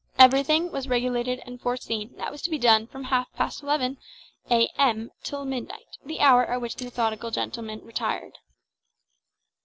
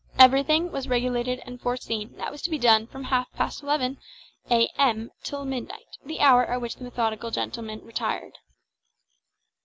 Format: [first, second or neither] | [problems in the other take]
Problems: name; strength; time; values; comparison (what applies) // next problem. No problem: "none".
second | noise reduction (neural separator model SepFormer DNS4)